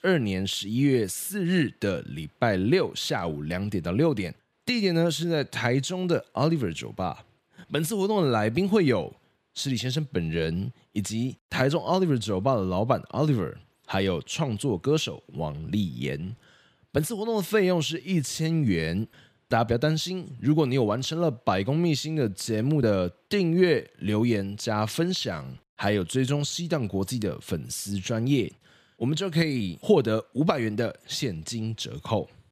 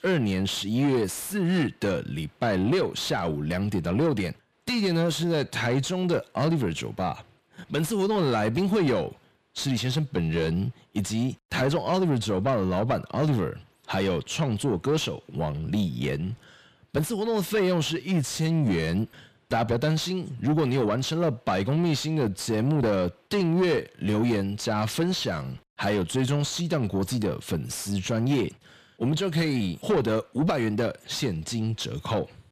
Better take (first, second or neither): first